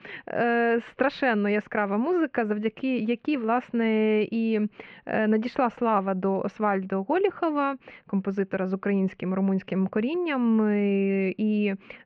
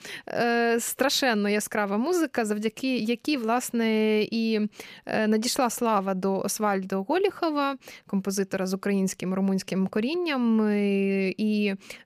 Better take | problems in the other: second | muffled; very; fading above 2.5 kHz

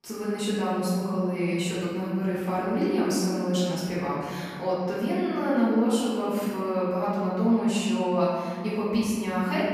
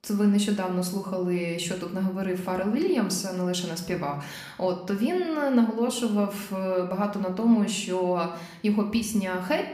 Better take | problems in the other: second | room echo; strong; dies away in 2.1 s; slight in the second // off-mic speech; far; somewhat distant in the second

